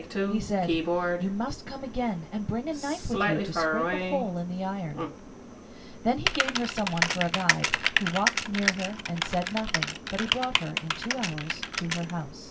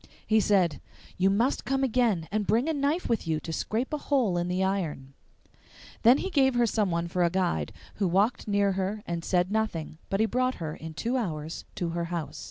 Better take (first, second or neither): second